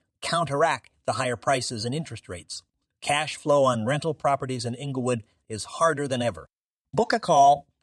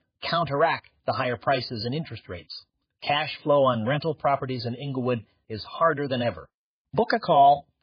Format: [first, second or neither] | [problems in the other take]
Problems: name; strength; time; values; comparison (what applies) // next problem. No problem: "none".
first | garbled, watery; badly; nothing above 4.5 kHz